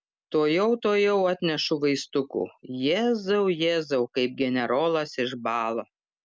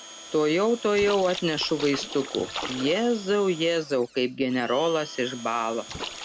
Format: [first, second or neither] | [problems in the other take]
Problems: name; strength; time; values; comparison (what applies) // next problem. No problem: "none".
first | background sound (Splash, splatter + Domestic sounds, home sounds); 13 dB below the speech